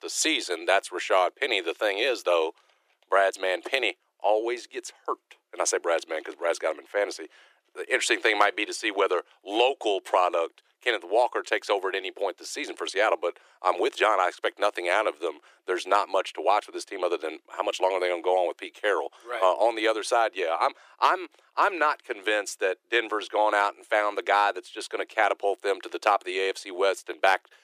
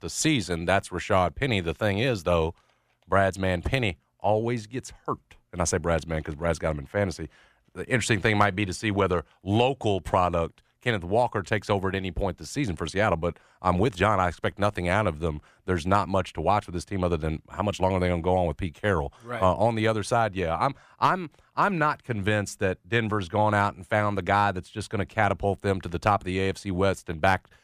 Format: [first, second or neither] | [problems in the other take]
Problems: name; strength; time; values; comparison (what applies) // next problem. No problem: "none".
second | thin; very; fading below 350 Hz